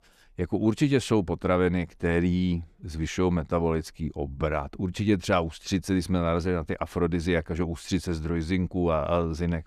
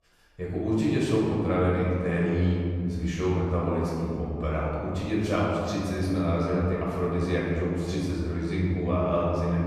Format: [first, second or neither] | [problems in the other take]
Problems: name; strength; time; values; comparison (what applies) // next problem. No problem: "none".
first | room echo; strong; dies away in 2.2 s // off-mic speech; far